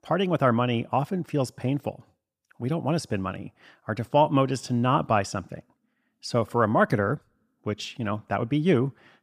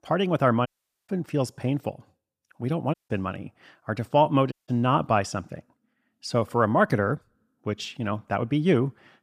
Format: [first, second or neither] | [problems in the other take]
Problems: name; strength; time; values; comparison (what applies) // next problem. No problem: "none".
first | audio cutting out; at 0.5 s, at 3 s and at 4.5 s